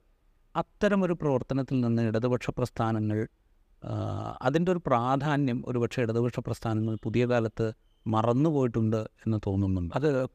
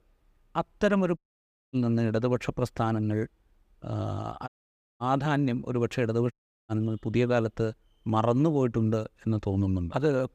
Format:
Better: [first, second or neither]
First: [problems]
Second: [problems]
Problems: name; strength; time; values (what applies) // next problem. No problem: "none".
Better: first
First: none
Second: audio cutting out; at 1 s for 0.5 s, at 4.5 s for 0.5 s and at 6.5 s